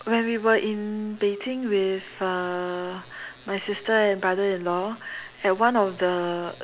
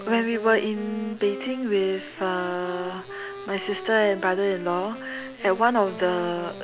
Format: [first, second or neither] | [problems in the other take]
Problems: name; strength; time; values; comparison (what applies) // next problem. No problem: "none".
first | background sound (Wind instrument, woodwind instrument); 13 dB below the speech